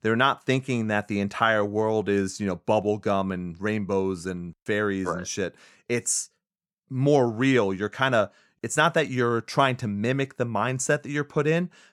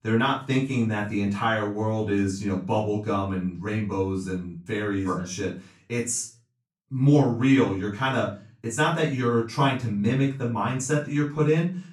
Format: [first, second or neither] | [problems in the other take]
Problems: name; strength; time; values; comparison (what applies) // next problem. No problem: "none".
first | off-mic speech; far // room echo; slight; dies away in 0.3 s